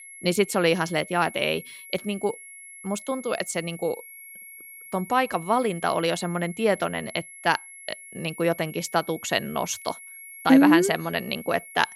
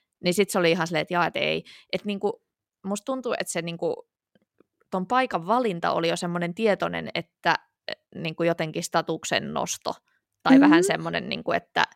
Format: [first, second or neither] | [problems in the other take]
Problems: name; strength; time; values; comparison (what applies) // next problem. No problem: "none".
second | high-pitched whine; noticeable; throughout; 2 kHz, 15 dB below the speech